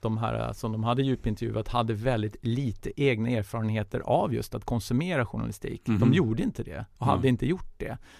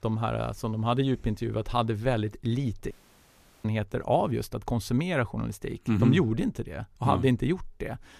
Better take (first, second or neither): first